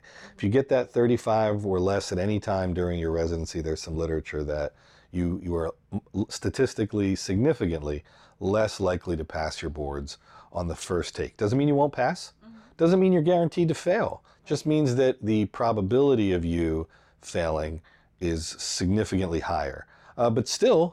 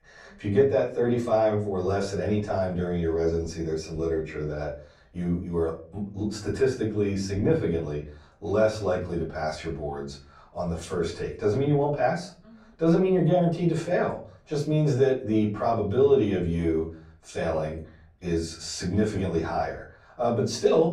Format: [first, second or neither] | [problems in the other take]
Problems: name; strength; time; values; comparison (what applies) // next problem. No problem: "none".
first | off-mic speech; far // room echo; slight; dies away in 0.4 s